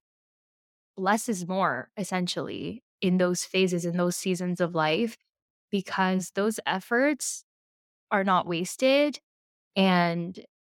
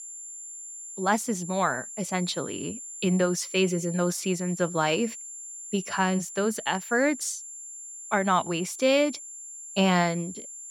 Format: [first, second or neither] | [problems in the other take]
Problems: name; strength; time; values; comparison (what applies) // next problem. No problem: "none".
first | high-pitched whine; noticeable; throughout; 7.5 kHz, 10 dB below the speech